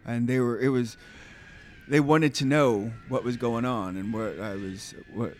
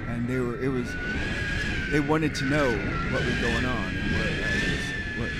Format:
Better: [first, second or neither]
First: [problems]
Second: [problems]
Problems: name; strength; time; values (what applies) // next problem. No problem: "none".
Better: first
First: wind noise on the microphone; occasional gusts; 20 dB below the speech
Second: wind noise on the microphone; heavy; 3 dB above the speech